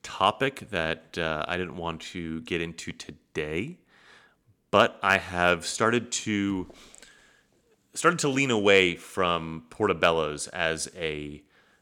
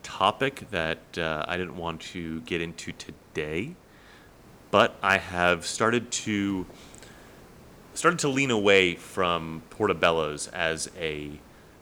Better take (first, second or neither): first